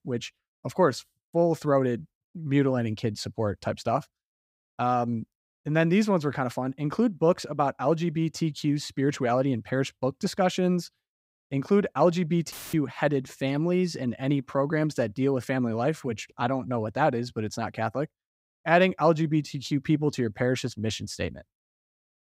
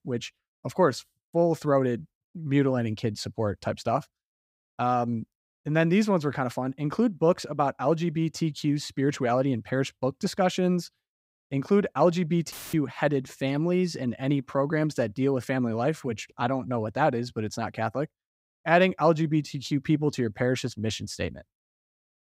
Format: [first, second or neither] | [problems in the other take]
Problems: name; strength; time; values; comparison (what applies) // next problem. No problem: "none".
neither | audio cutting out; filled with static; at 13 s; the same in both